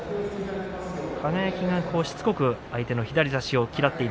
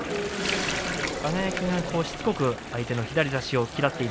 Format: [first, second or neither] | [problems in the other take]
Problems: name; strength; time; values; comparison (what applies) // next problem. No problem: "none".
first | background sound (Toilet flush + Water tap, faucet); 7 dB below the speech